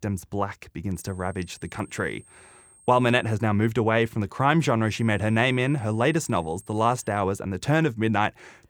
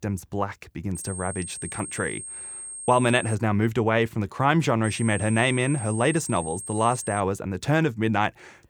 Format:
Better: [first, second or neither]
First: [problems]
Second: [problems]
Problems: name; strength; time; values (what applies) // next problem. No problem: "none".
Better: first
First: high-pitched whine; faint; from 1 to 3.5 s and from 5 to 7 s; 8.5 kHz, 25 dB below the speech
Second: high-pitched whine; loud; from 1 to 3.5 s and from 5 to 7 s; 8.5 kHz, 10 dB below the speech